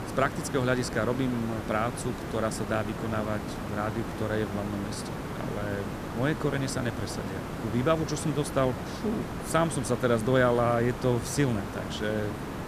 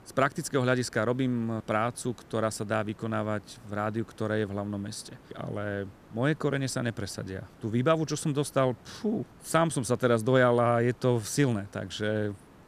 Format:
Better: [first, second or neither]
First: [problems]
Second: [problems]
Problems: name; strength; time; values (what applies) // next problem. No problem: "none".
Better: second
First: hiss; loud; throughout; 6 dB below the speech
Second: hiss; faint; throughout; 25 dB below the speech